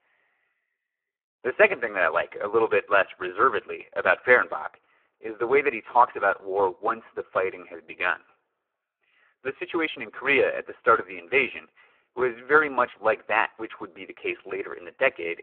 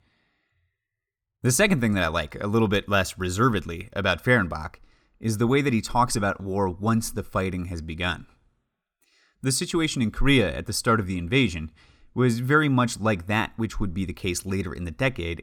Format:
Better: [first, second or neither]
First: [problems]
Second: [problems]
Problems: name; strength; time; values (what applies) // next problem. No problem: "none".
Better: second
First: phone-call audio; poor line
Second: none